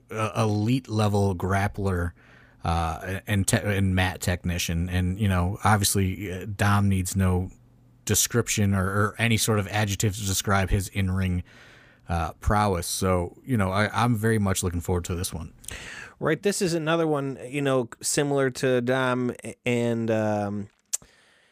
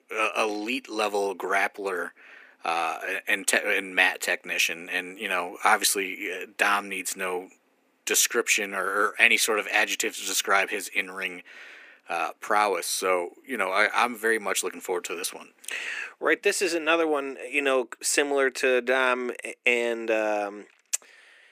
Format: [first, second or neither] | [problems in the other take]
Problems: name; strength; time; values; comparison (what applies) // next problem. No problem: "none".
first | thin; very; fading below 300 Hz